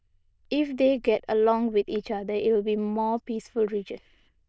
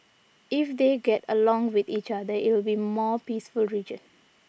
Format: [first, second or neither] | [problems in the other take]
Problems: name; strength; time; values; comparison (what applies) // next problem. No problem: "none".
second | noise reduction (neural diffusion model UNIVERSE++)